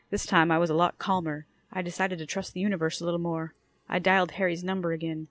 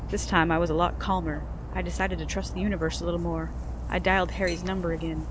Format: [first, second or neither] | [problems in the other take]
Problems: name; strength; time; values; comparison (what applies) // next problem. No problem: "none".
first | background sound (Dog); 5 dB below the speech